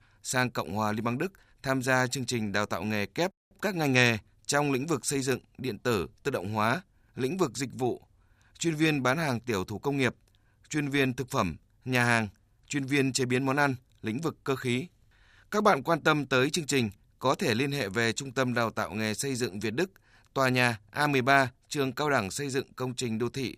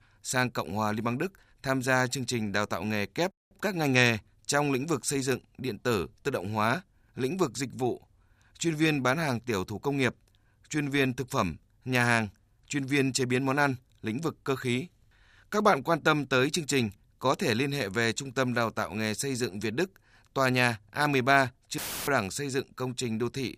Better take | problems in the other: first | audio cutting out; filled with static; at 22 s

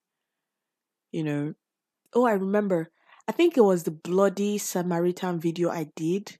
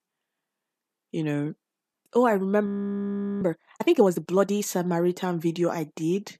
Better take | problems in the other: first | audio freezing; at 2.5 s for 1 s

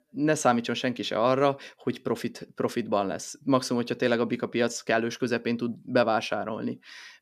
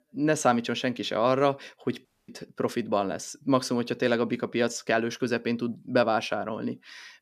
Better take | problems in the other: first | audio cutting out; at 2 s

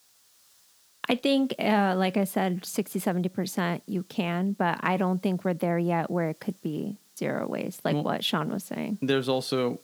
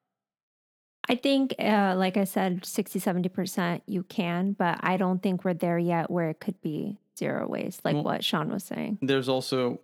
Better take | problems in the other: second | hiss; faint; throughout; 30 dB below the speech

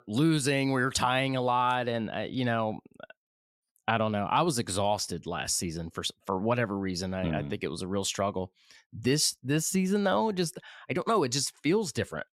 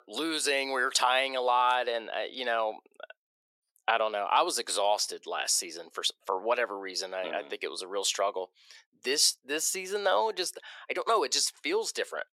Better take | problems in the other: first | thin; very; fading below 400 Hz

